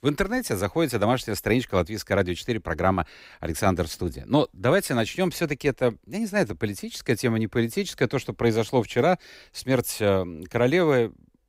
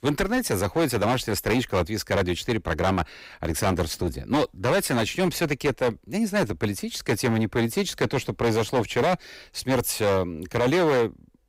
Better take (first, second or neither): first